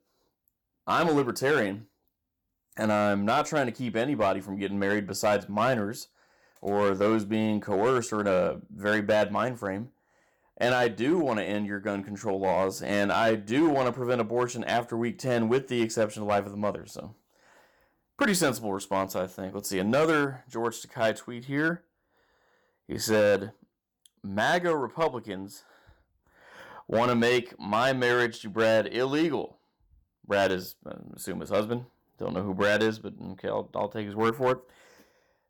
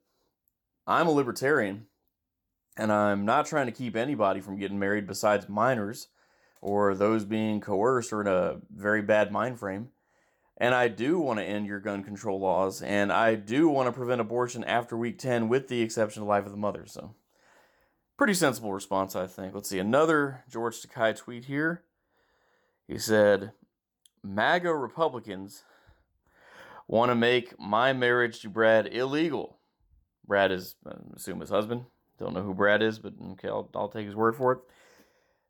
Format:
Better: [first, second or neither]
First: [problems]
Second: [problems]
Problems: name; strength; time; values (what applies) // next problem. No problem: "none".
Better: second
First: distortion; slight; 4% of the sound clipped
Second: none